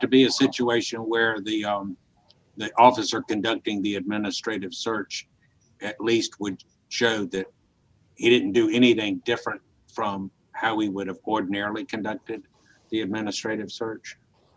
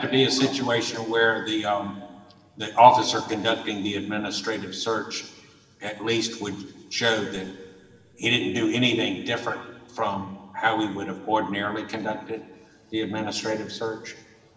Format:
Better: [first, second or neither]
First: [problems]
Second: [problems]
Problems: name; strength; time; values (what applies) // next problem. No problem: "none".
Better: first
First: none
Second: room echo; dies away in 2.5 s